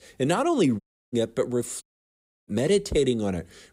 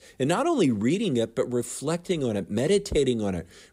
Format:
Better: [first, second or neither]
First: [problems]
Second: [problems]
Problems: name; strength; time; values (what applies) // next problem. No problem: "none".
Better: second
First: audio cutting out; at 1 s and at 2 s for 0.5 s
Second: none